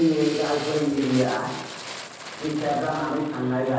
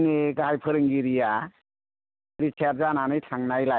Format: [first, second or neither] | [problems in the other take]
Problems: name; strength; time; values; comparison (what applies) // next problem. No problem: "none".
second | background sound (Fire); 13 dB below the speech // room echo; dies away in 1.1 s